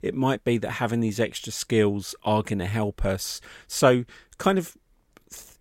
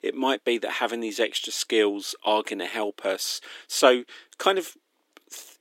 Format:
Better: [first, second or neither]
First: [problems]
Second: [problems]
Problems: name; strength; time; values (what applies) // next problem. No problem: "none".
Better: first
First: none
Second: thin; somewhat; fading below 300 Hz